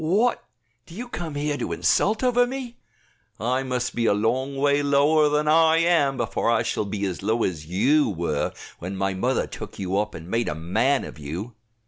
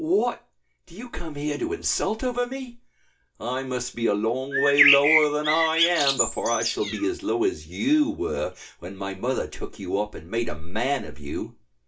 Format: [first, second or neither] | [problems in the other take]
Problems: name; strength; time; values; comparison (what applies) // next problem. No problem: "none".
first | background sound (Bird); 1 dB above the speech // room echo; dies away in 0.2 s